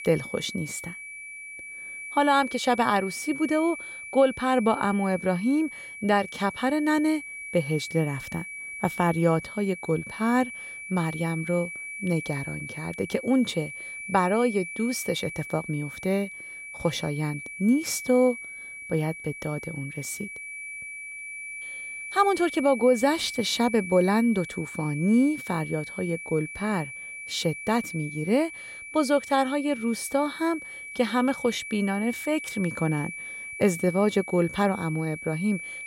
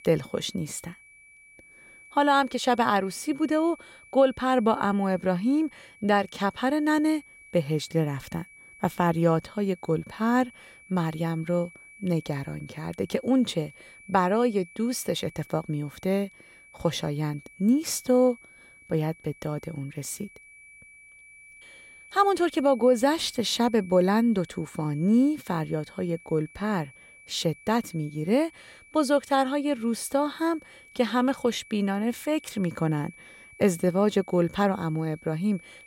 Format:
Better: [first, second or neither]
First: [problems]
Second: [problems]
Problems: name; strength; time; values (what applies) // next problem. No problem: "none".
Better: second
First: high-pitched whine; loud; throughout; 2.5 kHz, 10 dB below the speech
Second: high-pitched whine; faint; throughout; 2.5 kHz, 25 dB below the speech